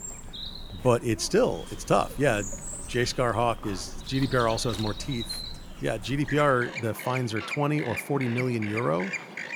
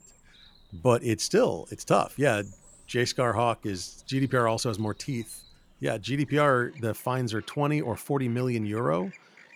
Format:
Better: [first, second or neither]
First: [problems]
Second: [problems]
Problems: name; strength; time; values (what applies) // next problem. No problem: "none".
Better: second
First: animal sounds; loud; throughout; 10 dB below the speech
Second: animal sounds; faint; throughout; 25 dB below the speech